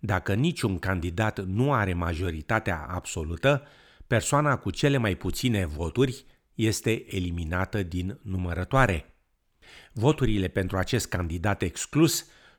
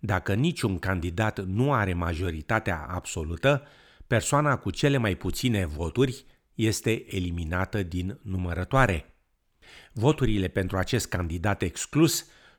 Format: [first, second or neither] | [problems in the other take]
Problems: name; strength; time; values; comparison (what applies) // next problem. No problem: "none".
neither | none